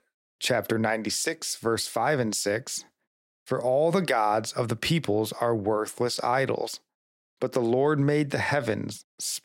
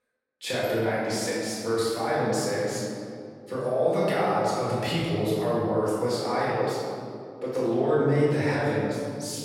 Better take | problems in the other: first | room echo; strong; dies away in 2.2 s // off-mic speech; far

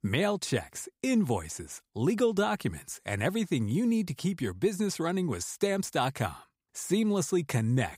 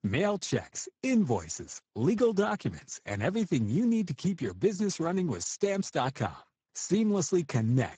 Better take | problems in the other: first | garbled, watery; badly; nothing above 7.5 kHz

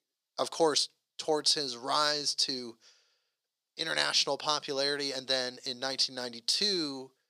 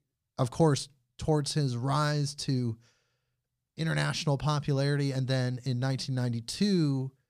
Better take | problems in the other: second | thin; very; fading below 400 Hz

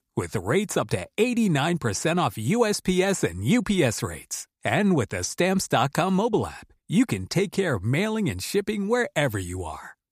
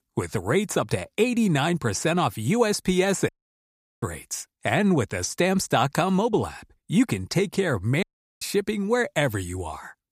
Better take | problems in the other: first | audio cutting out; at 3.5 s for 0.5 s and at 8 s

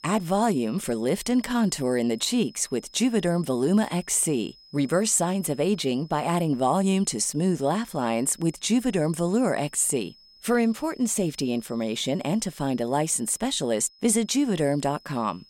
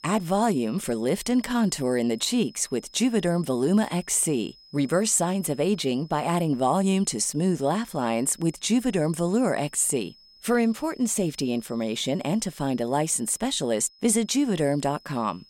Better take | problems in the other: neither | high-pitched whine; faint; throughout; 5 kHz, 25 dB below the speech; the same in both

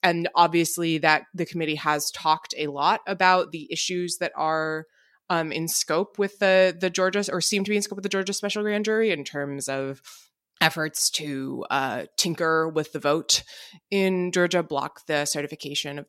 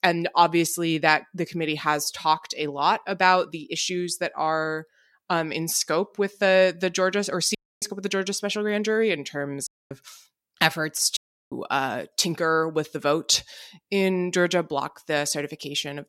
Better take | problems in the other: first | audio cutting out; at 7.5 s, at 9.5 s and at 11 s

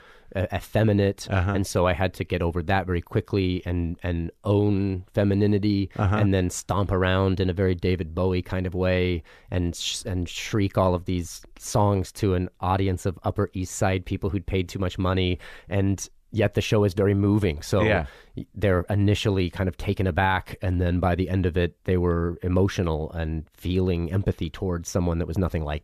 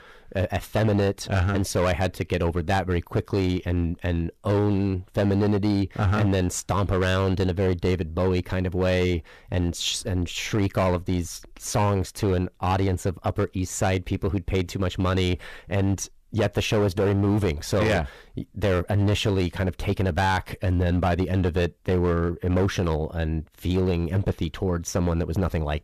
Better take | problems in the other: first | distortion; slight; 11% of the sound clipped

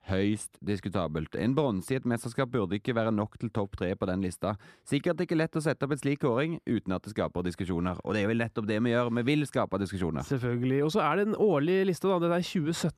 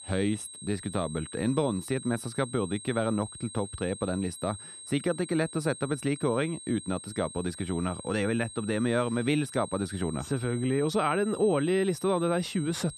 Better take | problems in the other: first | high-pitched whine; noticeable; throughout; 8.5 kHz, 15 dB below the speech

